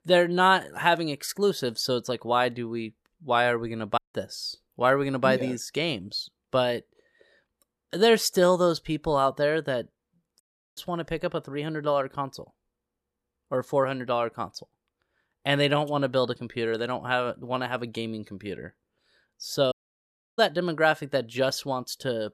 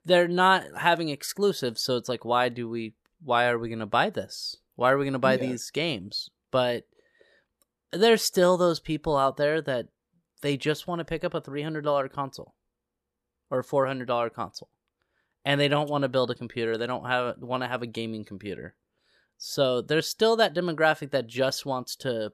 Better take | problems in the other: second | audio cutting out; at 4 s, at 10 s and at 20 s for 0.5 s

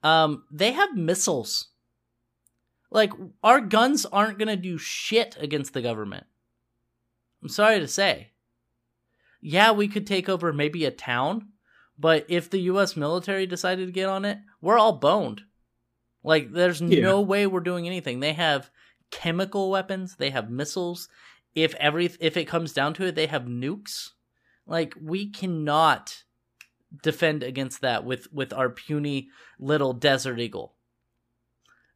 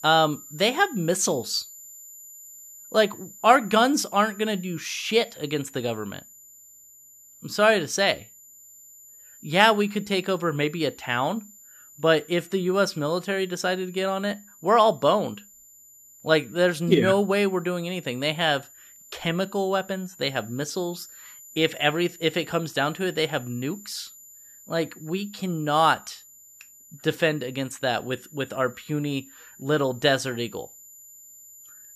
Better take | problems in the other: first | high-pitched whine; faint; throughout; 7 kHz, 20 dB below the speech

